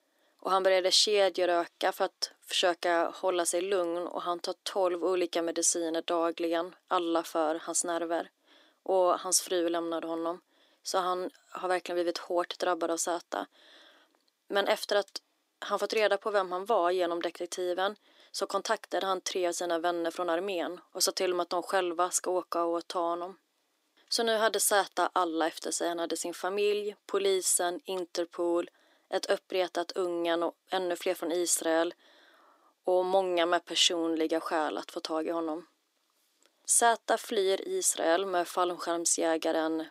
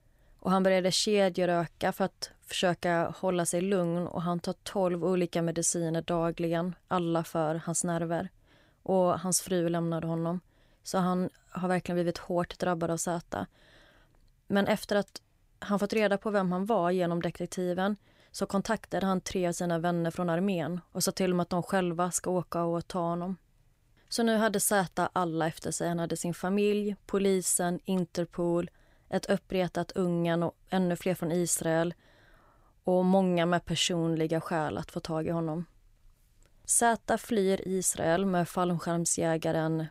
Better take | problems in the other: second | thin; very; fading below 300 Hz

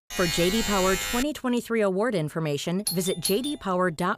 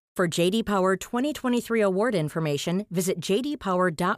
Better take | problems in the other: second | alarm; noticeable; until 1.5 s; peak 1 dB below the speech // doorbell; noticeable; at 3 s; peak 3 dB below the speech

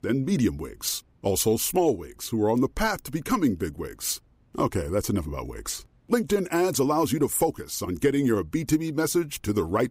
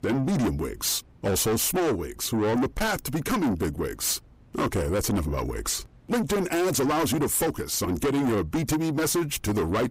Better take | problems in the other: first | distortion; heavy; 7 dB below the speech

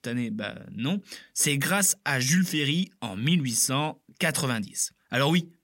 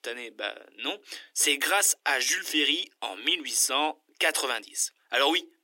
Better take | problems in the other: first | thin; very; fading below 300 Hz

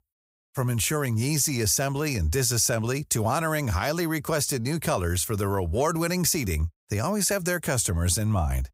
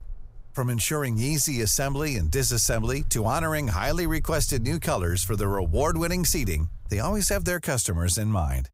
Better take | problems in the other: first | footsteps; noticeable; until 7.5 s; peak 8 dB below the speech

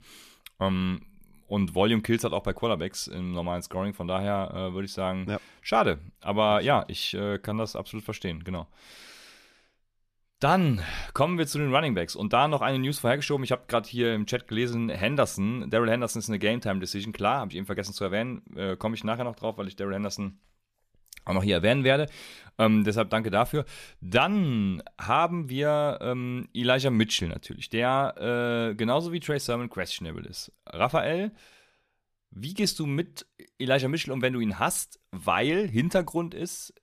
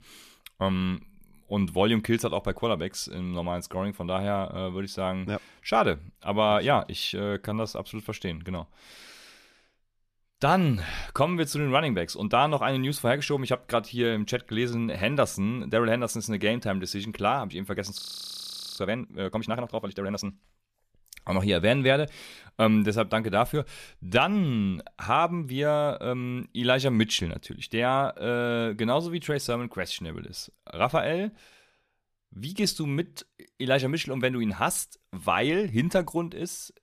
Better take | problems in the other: first | audio freezing; at 18 s for 1 s

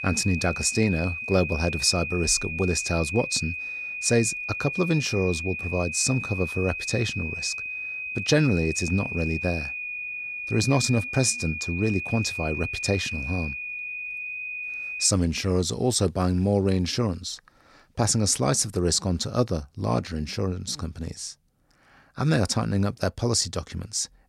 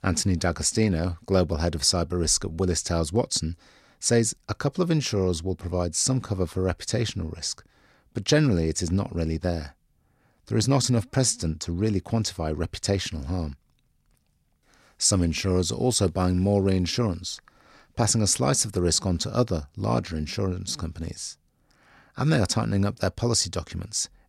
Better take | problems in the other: second | high-pitched whine; loud; until 15 s; 2.5 kHz, 5 dB below the speech

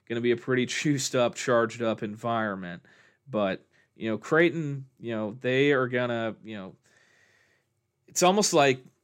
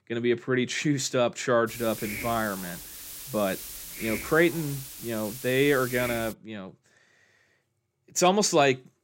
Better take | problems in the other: first | hiss; noticeable; from 1.5 to 6.5 s; 10 dB below the speech

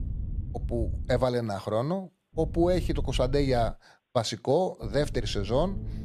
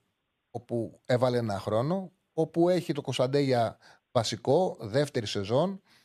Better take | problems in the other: second | low rumble; faint; until 1 s, from 2.5 to 3.5 s and from 5 s on; 20 dB below the speech

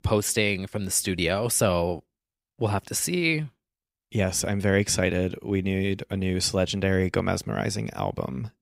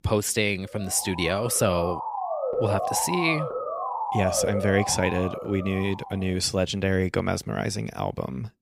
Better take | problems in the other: first | siren; noticeable; from 1 to 6 s; peak 1 dB below the speech

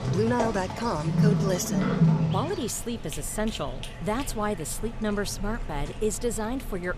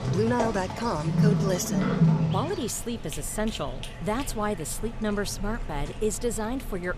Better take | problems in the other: neither | animal sounds; very loud; throughout; 1 dB above the speech; the same in both

